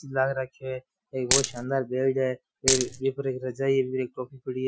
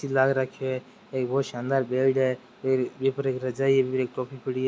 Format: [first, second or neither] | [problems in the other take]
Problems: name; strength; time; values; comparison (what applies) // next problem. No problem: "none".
second | noise reduction (classical method Wiener filter)